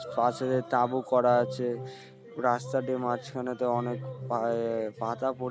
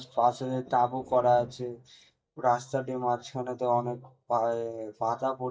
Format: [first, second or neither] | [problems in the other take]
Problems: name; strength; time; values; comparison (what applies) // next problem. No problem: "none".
first | noise reduction (neural mask model DeepFilterNet 3)